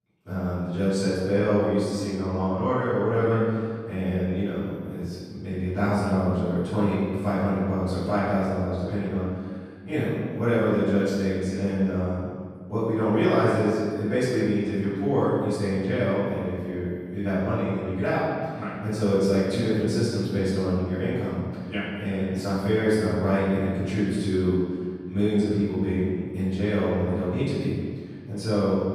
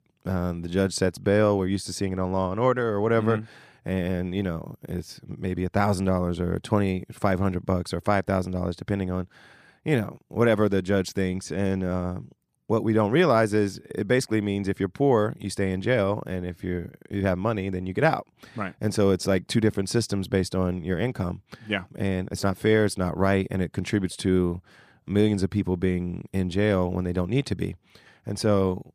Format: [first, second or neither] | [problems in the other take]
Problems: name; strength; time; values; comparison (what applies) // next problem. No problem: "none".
second | off-mic speech; far // room echo; strong; dies away in 1.7 s